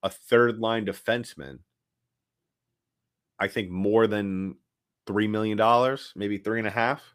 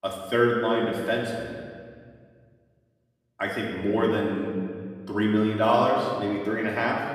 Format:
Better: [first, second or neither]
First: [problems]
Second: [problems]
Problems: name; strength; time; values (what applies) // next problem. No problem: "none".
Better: first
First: none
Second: room echo; noticeable; dies away in 1.7 s // off-mic speech; far